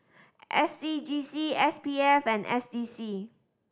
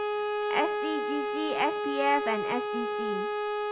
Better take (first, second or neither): first